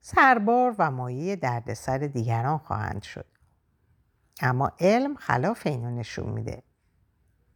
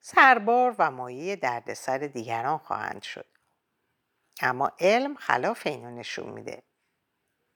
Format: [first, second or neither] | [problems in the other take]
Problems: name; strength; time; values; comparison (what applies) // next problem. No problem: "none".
first | thin; somewhat; fading below 350 Hz